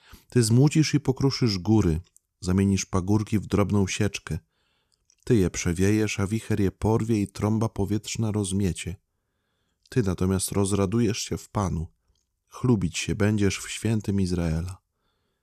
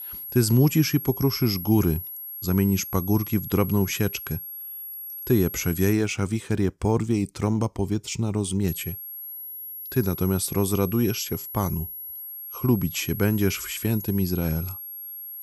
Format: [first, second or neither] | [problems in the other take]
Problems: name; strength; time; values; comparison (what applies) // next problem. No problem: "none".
first | high-pitched whine; loud; until 6 s and from 8.5 s on; 11.5 kHz, 9 dB below the speech